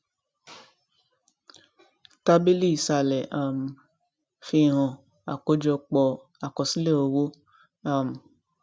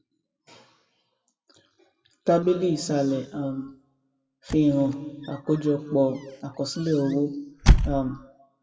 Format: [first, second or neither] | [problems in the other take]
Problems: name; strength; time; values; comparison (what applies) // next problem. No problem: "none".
first | noise reduction (classical method WPE with log-MMSE)